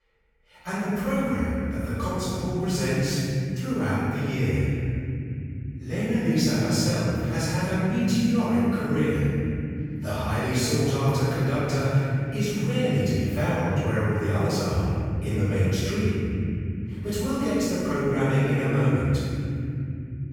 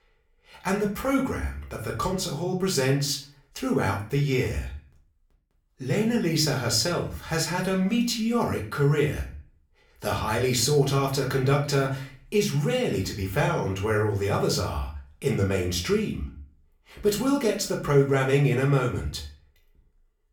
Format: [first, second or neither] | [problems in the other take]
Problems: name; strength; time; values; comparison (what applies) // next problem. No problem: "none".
second | room echo; strong; dies away in 3 s; slight in the second // off-mic speech; far; far in the second